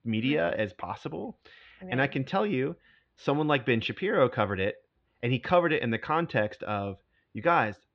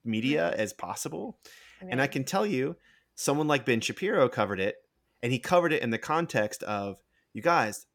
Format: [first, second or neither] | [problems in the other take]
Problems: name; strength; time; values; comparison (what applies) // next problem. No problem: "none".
second | muffled; very; fading above 4 kHz